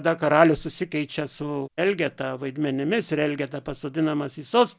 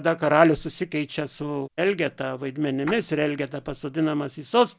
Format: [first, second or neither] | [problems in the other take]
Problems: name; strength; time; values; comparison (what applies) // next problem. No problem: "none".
first | background sound (Splash, splatter); 18 dB below the speech